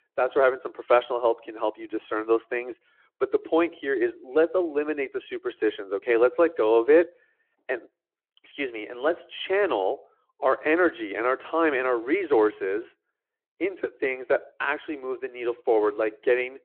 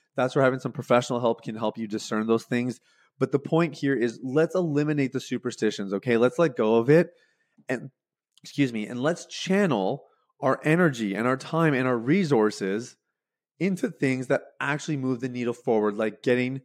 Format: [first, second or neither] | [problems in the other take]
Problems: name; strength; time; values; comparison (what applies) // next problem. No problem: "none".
second | phone-call audio